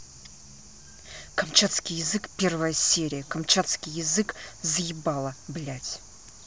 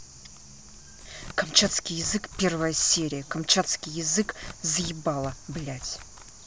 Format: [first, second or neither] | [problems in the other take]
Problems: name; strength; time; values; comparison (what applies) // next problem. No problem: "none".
first | background sound (Tearing); 18 dB below the speech